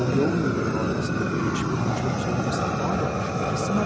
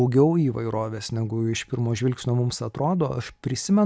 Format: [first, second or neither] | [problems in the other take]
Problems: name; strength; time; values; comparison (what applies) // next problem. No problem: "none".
second | background sound (Fire); 4 dB above the speech